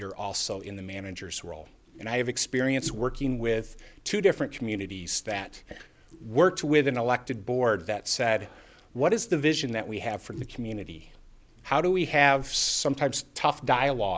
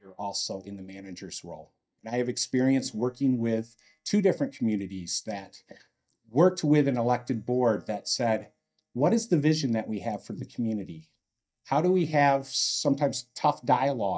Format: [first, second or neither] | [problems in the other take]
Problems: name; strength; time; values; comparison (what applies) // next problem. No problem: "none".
first | noise reduction (neural mask model DeepFilterNet 3)